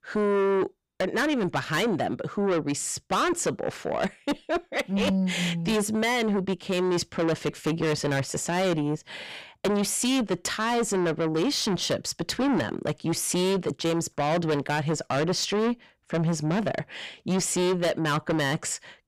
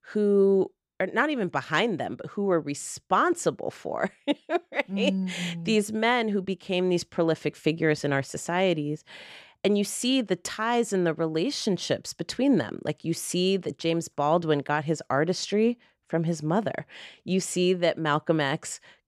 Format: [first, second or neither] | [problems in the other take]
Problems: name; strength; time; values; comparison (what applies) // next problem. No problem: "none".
second | distortion; heavy; 6 dB below the speech